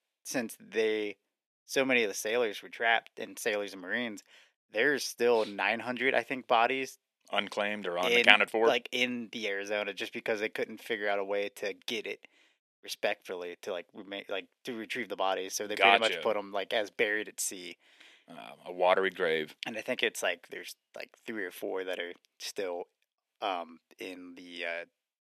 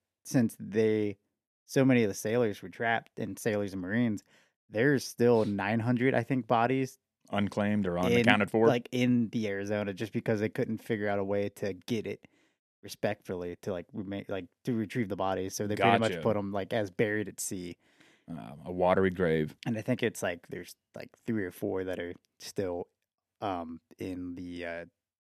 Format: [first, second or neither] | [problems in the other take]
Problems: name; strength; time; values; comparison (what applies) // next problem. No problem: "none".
second | thin; somewhat; fading below 500 Hz